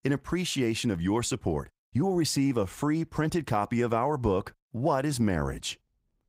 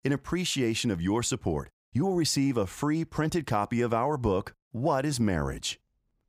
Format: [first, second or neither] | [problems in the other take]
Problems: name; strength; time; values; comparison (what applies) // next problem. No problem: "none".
second | garbled, watery; slightly; nothing above 15.5 kHz